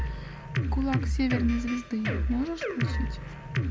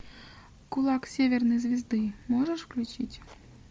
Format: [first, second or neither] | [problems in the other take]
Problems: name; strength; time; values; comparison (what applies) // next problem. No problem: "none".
second | background sound (Drum kit); 2 dB above the speech